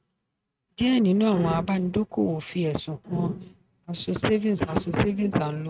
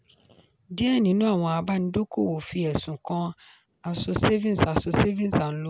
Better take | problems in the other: second | noise reduction (neural mask model RNNoise)

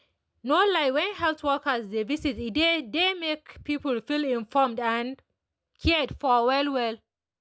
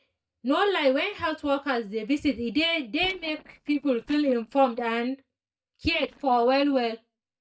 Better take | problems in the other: first | noise reduction (neural mask model DeepFilterNet 3)

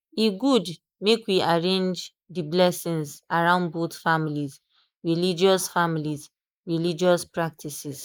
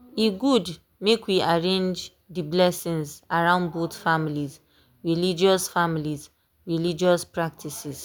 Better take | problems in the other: second | noise reduction (neural mask model Resemble Enhance denoiser)

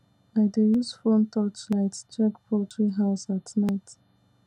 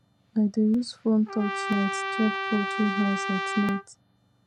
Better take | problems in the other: first | background sound (Trumpet); 6 dB below the speech

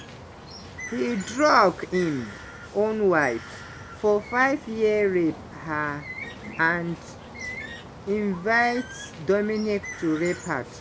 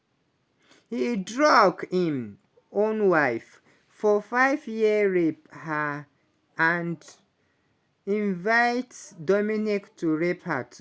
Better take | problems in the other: second | background sound (Bird); 14 dB below the speech

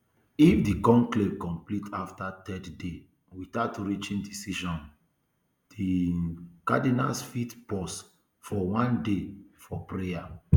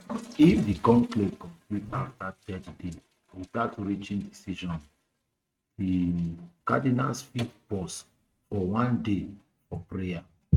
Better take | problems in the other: first | noise reduction (neural mask model RNNoise)

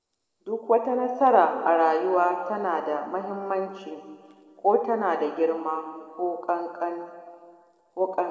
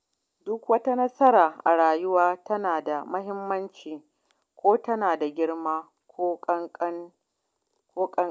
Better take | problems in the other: second | room echo; dies away in 2 s

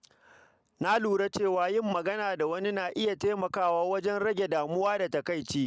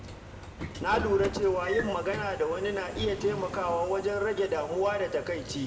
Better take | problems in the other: first | background sound (Sliding door / Train); 10 dB below the speech // room echo; dies away in 1.6 s

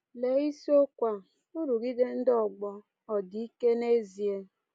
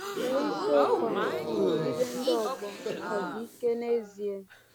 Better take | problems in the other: first | background sound (Crowd / Gasp); as loud as the speech

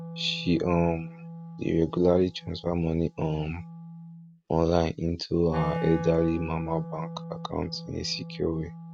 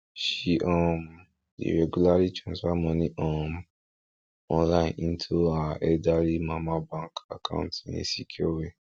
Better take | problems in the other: second | noise reduction (neural mask model RNNoise)

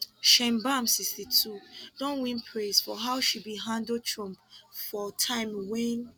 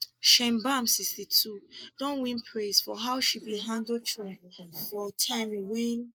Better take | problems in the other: first | noise reduction (neural mask model Resemble Enhance denoiser)

